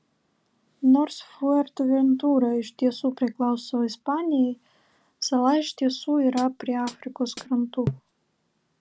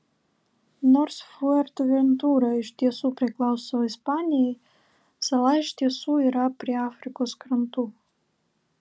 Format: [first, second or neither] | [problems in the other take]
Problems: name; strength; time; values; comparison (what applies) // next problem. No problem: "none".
second | background sound (Hi-hat); 12 dB below the speech